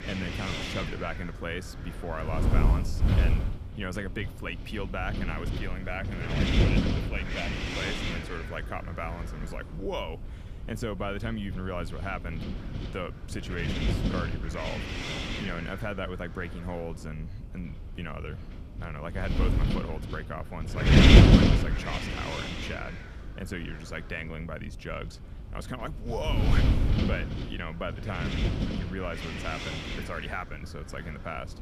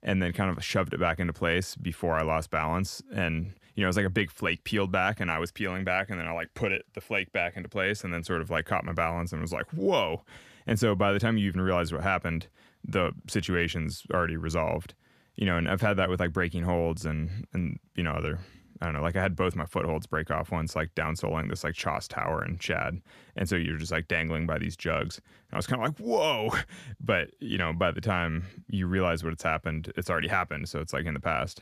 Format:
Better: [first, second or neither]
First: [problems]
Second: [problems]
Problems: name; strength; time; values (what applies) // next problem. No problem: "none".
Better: second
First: wind noise on the microphone; heavy; 5 dB above the speech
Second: none